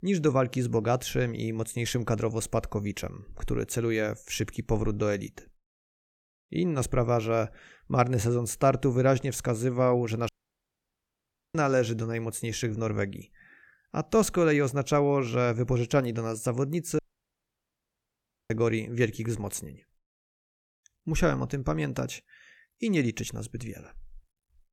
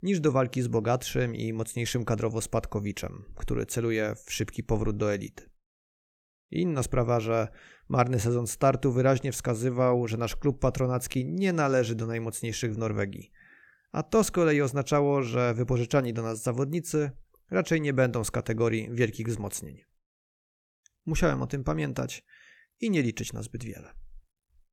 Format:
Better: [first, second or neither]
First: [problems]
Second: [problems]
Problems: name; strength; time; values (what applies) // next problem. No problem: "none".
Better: second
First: audio cutting out; at 10 s for 1.5 s and at 17 s for 1.5 s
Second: none